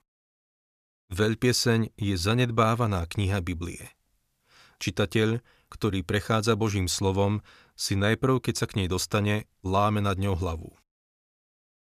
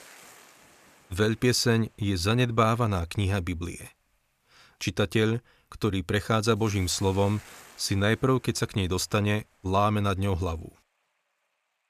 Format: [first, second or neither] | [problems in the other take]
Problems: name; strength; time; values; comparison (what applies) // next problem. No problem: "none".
first | hiss; faint; throughout; 25 dB below the speech